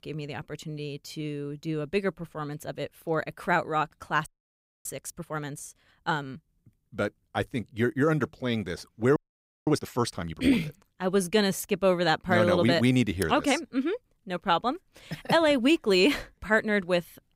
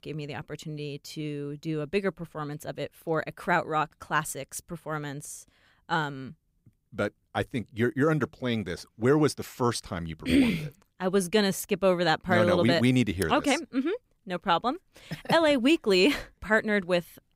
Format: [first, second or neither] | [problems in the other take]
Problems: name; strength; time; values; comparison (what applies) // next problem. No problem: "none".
second | audio freezing; at 4.5 s for 0.5 s and at 9 s for 0.5 s